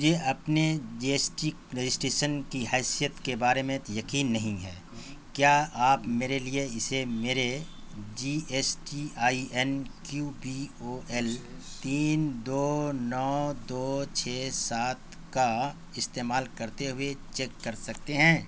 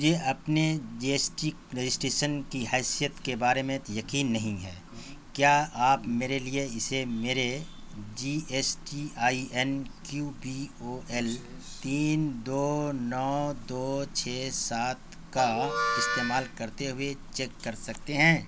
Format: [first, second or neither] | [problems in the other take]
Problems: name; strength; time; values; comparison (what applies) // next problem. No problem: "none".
first | background sound (Harmonica); 3 dB below the speech